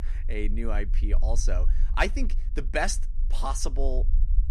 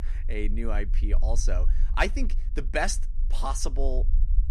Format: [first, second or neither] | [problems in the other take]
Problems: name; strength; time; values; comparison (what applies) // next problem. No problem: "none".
neither | low rumble; faint; throughout; 20 dB below the speech; the same in both